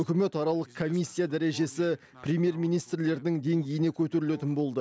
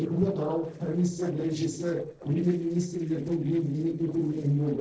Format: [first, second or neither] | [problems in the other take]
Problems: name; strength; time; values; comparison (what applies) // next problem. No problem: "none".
first | noise reduction (neural separator model SepFormer DNS4)